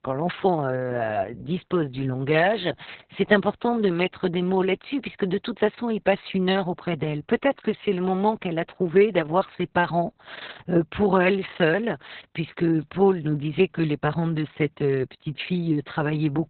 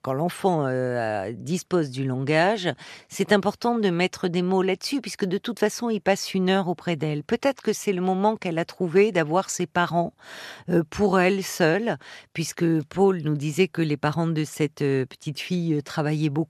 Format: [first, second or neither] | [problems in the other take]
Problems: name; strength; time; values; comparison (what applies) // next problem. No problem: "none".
second | garbled, watery; badly; nothing above 4 kHz